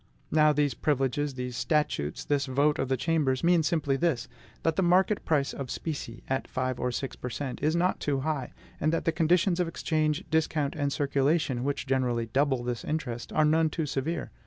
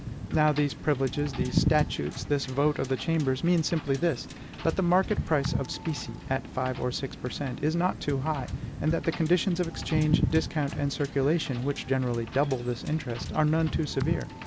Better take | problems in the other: first | background sound (Wind / Boat, Water vehicle); 6 dB below the speech

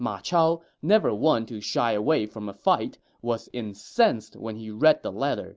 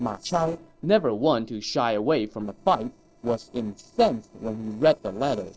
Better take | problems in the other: first | noise reduction (neural separator model SepFormer DNS4)

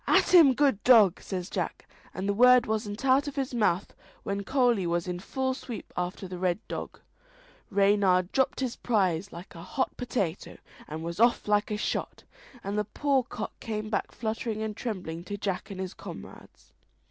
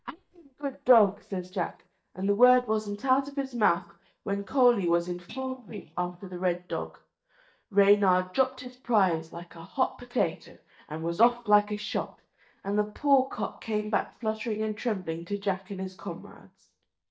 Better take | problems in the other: first | noise reduction (neural mask model DeepFilterNet 3)

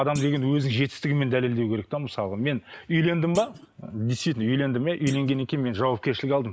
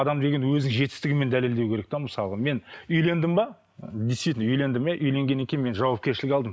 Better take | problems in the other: second | noise reduction (neural mask model Resemble Enhance denoiser)

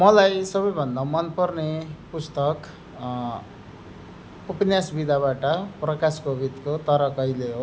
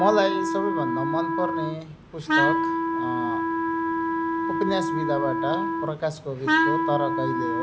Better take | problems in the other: first | background sound (Wind instrument, woodwind instrument); 3 dB above the speech

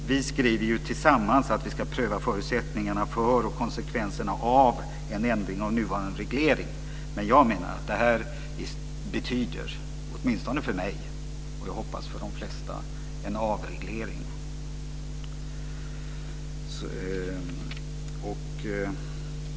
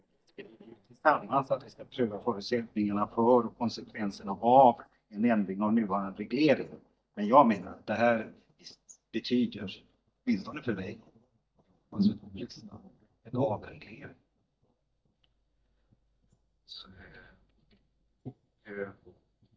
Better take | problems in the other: first | noise reduction (neural mask model DeepFilterNet 3)

